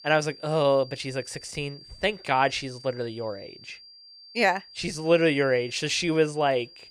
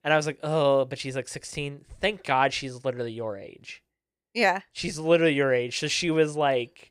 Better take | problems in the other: second | high-pitched whine; noticeable; throughout; 4.5 kHz, 20 dB below the speech

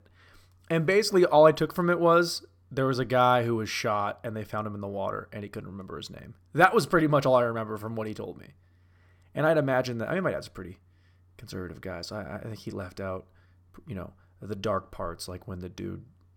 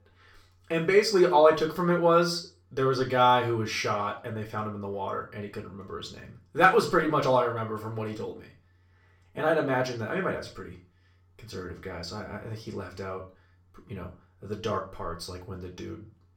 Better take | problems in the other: first | room echo; slight; dies away in 0.3 s // off-mic speech; far

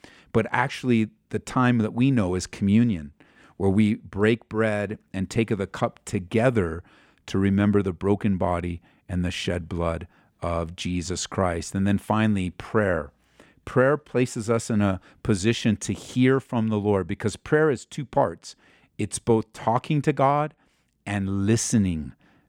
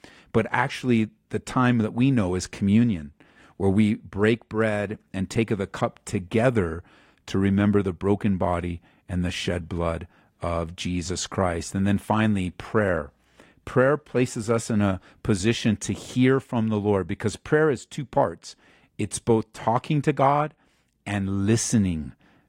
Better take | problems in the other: first | garbled, watery; slightly; nothing above 15.5 kHz

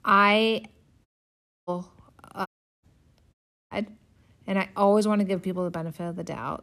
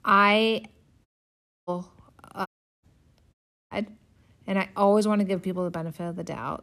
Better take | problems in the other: neither | audio cutting out; at 1 s for 0.5 s, at 2.5 s and at 3.5 s; the same in both

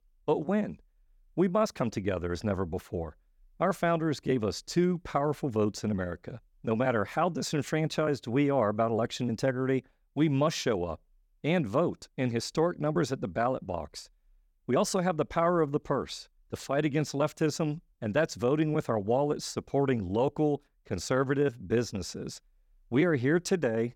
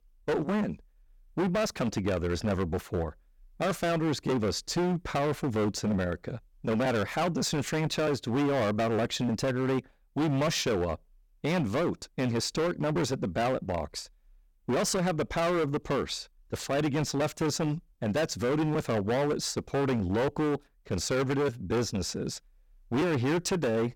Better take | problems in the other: first | distortion; heavy; 19% of the sound clipped

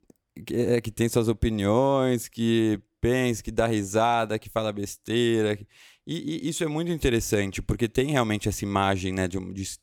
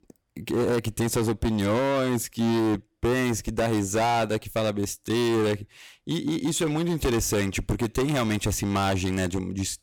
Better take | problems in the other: first | distortion; heavy; 20% of the sound clipped

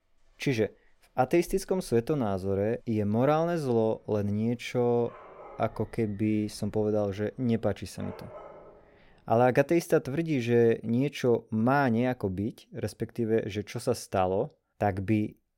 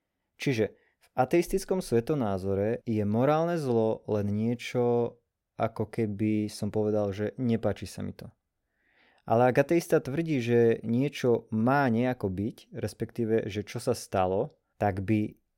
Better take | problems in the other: second | animal sounds; faint; until 9.5 s; 25 dB below the speech

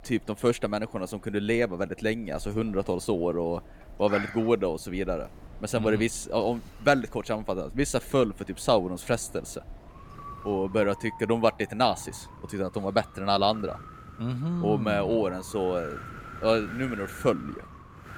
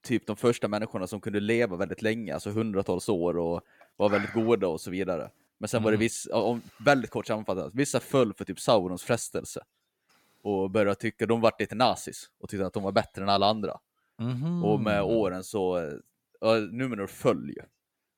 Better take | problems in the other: second | wind in the background; noticeable; throughout; 20 dB below the speech

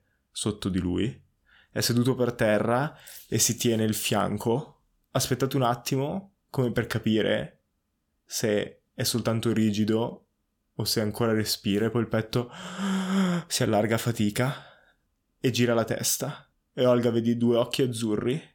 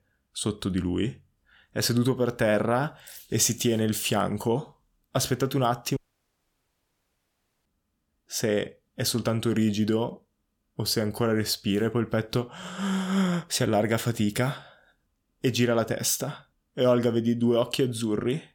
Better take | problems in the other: first | audio cutting out; at 6 s for 1.5 s

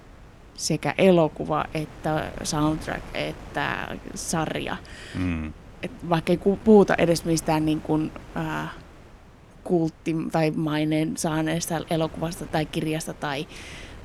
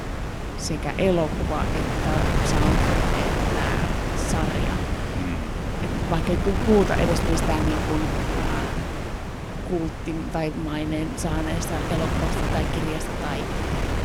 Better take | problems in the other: first | wind noise on the microphone; heavy; as loud as the speech; occasional gusts in the first

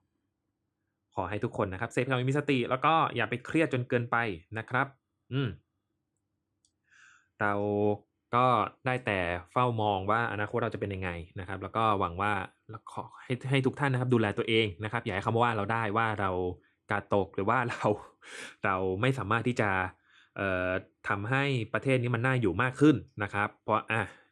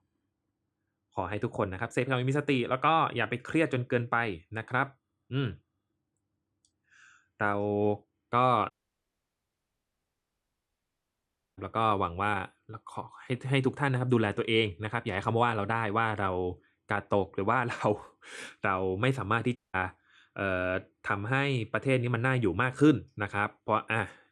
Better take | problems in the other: first | audio cutting out; at 8.5 s for 3 s and at 20 s

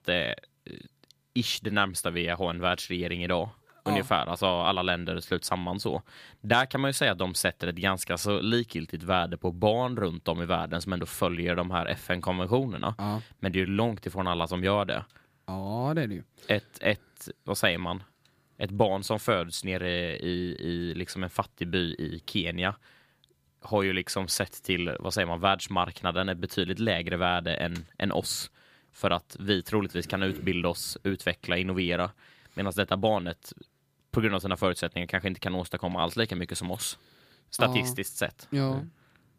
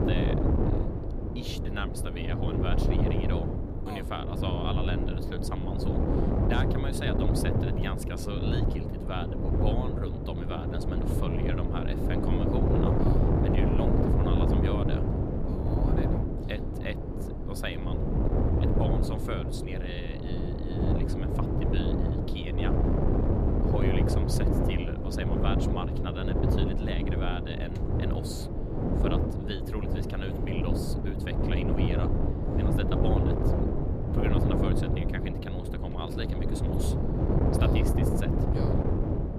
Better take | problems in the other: first | wind noise on the microphone; heavy; 4 dB above the speech

